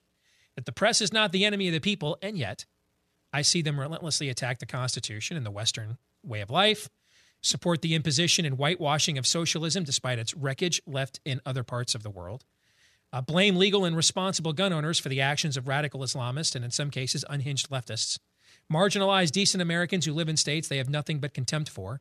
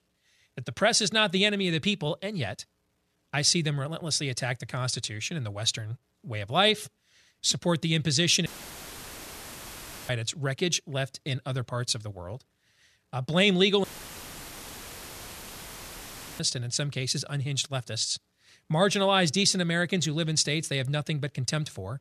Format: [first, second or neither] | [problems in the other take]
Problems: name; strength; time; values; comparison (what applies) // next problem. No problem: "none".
first | audio cutting out; filled with static; at 8.5 s for 1.5 s and at 14 s for 2.5 s